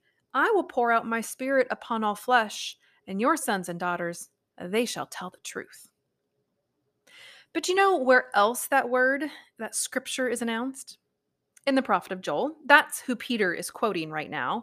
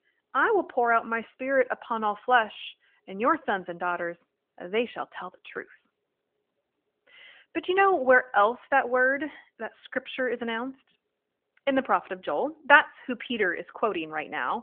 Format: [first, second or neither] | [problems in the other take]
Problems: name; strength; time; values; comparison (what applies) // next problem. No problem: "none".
first | phone-call audio